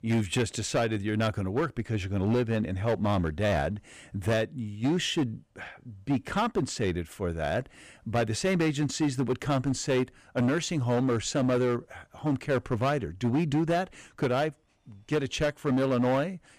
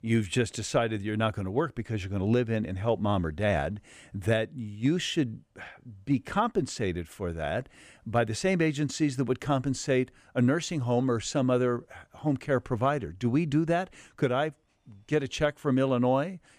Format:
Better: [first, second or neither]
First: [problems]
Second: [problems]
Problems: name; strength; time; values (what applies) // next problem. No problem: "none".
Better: second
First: distortion; slight; 10% of the sound clipped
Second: none